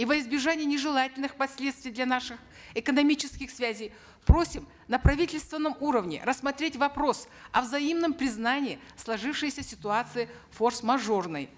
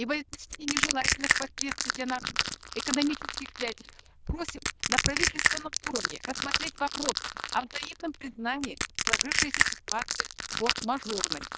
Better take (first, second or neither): first